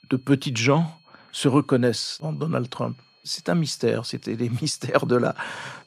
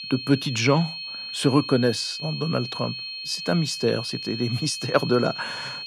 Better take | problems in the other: first | high-pitched whine; loud; throughout; 4.5 kHz, 7 dB below the speech; faint in the first

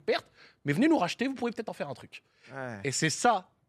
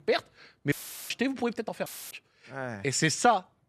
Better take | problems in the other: first | audio cutting out; filled with static; at 0.5 s and at 2 s

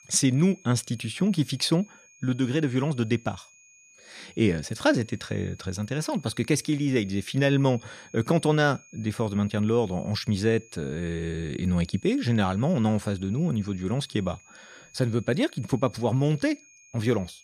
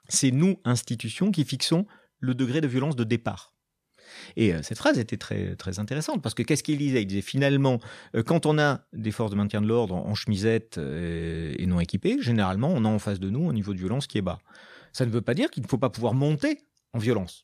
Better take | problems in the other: second | high-pitched whine; faint; throughout; 2.5 kHz, 25 dB below the speech

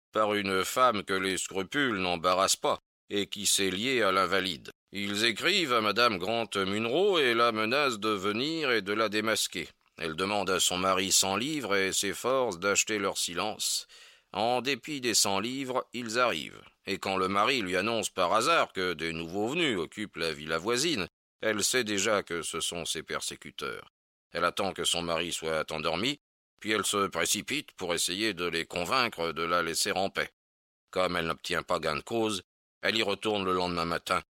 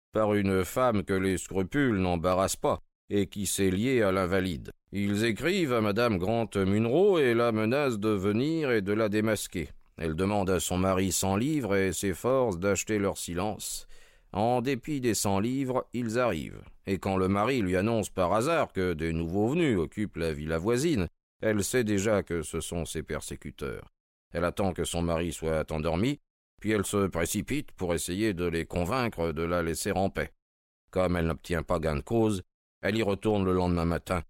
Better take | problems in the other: second | thin; somewhat; fading below 450 Hz

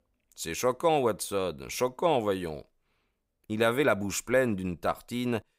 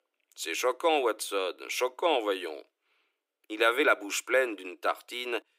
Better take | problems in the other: first | thin; somewhat; fading below 300 Hz

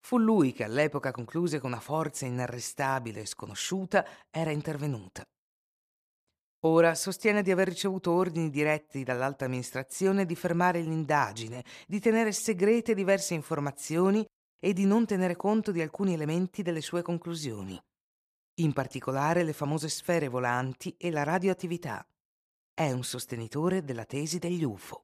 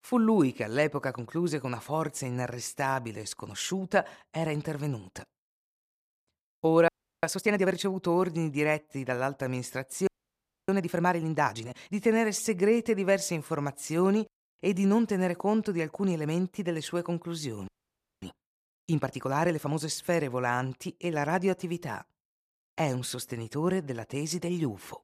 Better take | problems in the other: first | audio freezing; at 7 s, at 10 s for 0.5 s and at 18 s for 0.5 s

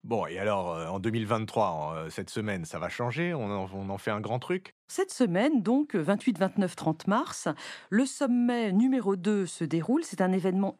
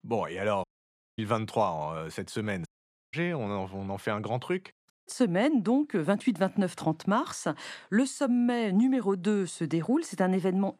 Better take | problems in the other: first | audio cutting out; at 0.5 s for 0.5 s, at 2.5 s and at 5 s

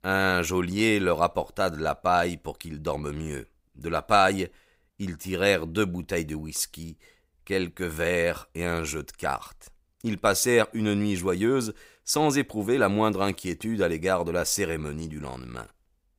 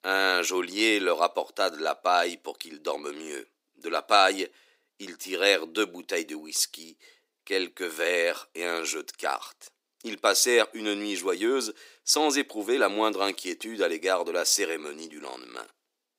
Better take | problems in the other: first | thin; somewhat; fading below 300 Hz

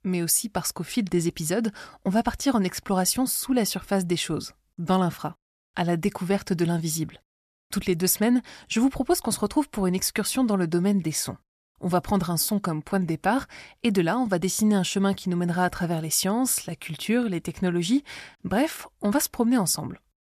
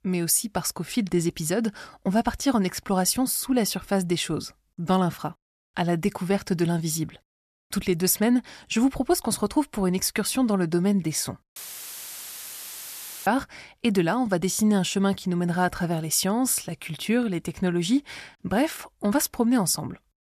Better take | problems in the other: first | audio cutting out; filled with static; at 12 s for 1.5 s

